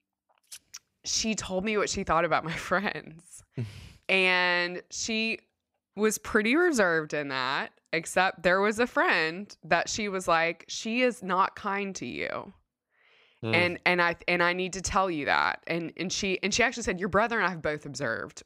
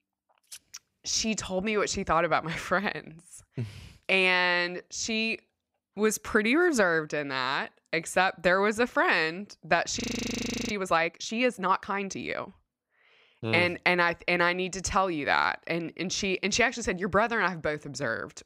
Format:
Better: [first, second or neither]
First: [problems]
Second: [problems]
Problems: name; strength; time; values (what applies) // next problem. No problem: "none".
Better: first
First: none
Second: audio freezing; at 10 s for 0.5 s